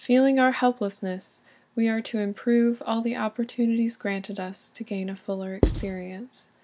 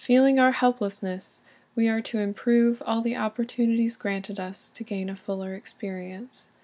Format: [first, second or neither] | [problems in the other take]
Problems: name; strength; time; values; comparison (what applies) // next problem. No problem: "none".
second | background sound (Writing); as loud as the speech